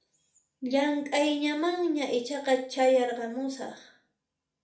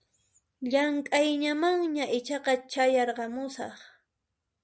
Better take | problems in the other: second | room echo; dies away in 0.4 s

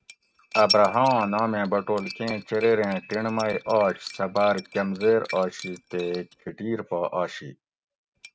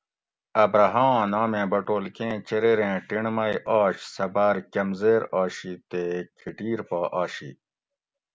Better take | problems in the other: second | noise reduction (neural mask model RNNoise)

